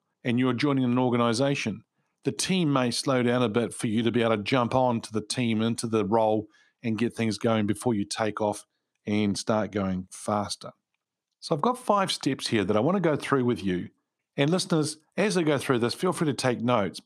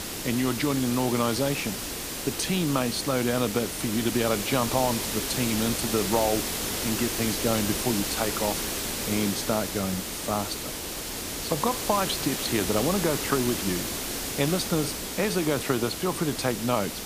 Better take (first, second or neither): first